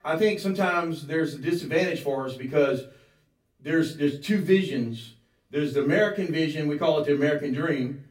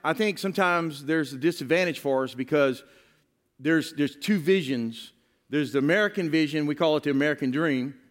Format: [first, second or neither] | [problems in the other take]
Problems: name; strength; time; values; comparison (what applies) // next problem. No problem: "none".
second | off-mic speech; far // room echo; very slight; dies away in 0.3 s